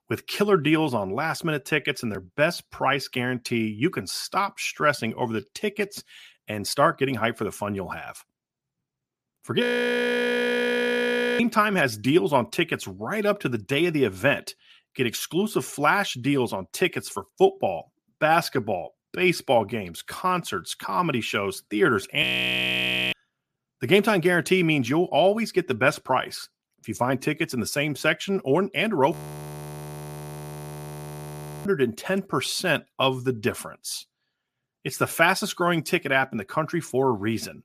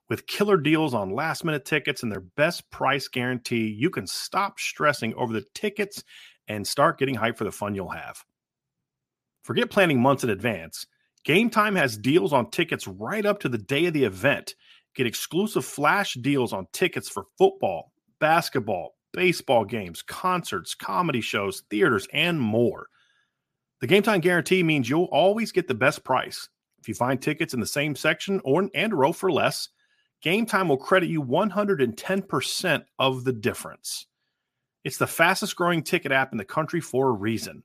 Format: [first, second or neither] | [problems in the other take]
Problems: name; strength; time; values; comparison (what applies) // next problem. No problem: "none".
second | audio freezing; at 9.5 s for 2 s, at 22 s for 1 s and at 29 s for 2.5 s